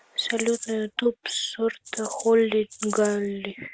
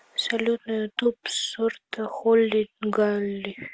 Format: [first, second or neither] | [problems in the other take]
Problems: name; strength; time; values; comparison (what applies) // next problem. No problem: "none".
second | background sound (Rattle (instrument)); 13 dB below the speech